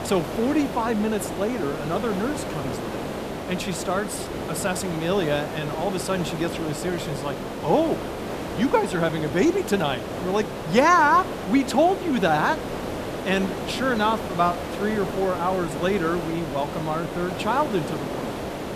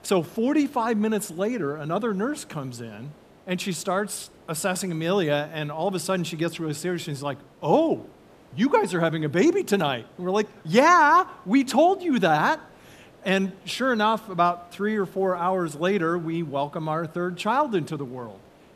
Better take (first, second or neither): second